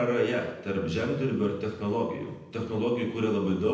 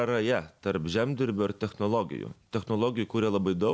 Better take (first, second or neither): second